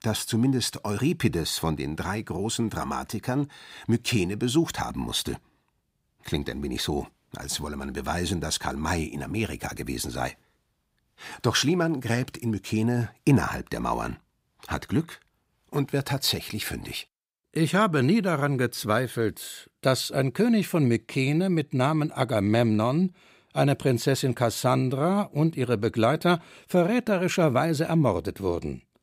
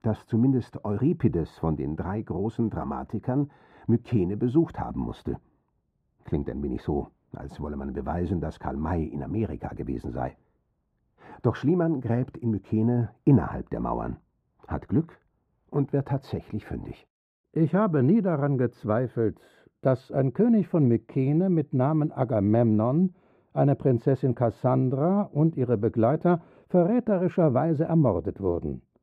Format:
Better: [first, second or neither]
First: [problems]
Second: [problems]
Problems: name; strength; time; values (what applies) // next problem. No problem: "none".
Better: first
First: none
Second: muffled; very; fading above 2 kHz